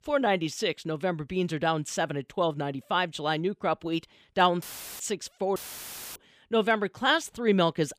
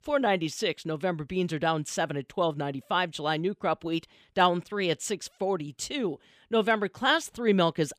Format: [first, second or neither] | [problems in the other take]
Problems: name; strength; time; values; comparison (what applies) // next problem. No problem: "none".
second | audio cutting out; filled with static; at 4.5 s and at 5.5 s for 0.5 s